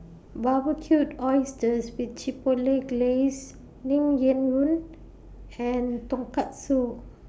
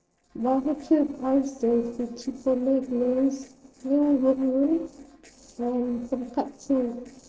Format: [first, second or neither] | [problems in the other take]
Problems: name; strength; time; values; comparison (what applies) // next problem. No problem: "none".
first | noise reduction (neural separator model SepFormer DNS4)